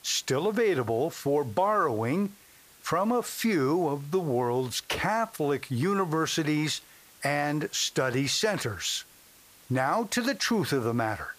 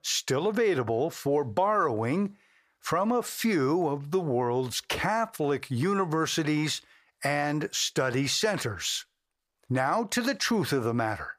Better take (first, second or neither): second